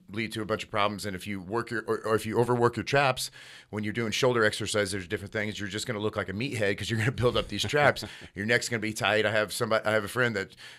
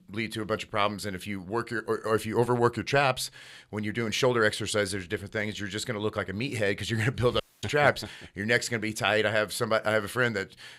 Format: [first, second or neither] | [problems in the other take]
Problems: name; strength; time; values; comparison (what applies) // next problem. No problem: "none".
first | audio cutting out; at 7.5 s